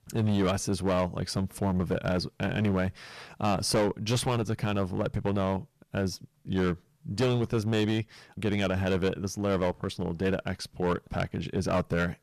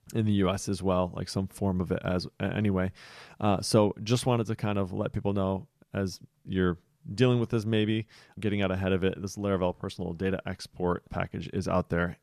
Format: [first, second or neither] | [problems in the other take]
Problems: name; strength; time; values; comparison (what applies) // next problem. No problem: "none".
second | distortion; heavy; 10% of the sound clipped